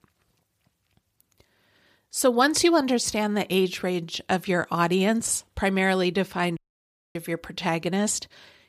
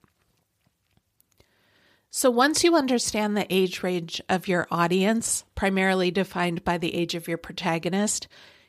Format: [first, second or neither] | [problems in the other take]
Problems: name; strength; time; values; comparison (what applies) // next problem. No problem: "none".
second | audio cutting out; at 6.5 s for 0.5 s